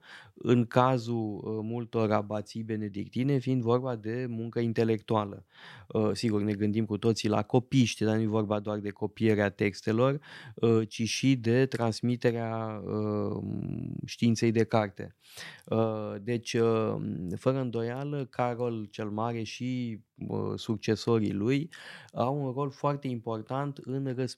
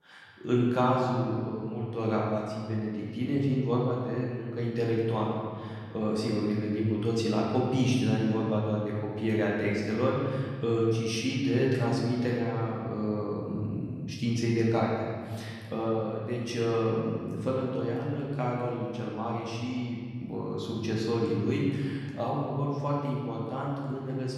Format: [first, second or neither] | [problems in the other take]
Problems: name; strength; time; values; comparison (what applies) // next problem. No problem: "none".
first | room echo; noticeable; dies away in 1.9 s // off-mic speech; far